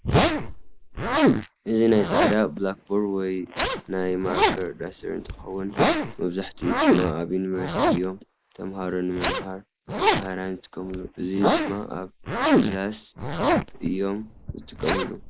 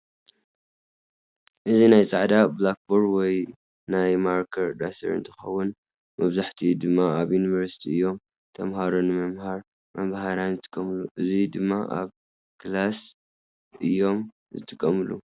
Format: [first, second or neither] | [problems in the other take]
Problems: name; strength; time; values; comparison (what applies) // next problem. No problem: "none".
second | noise reduction (neural mask model Resemble Enhance denoiser)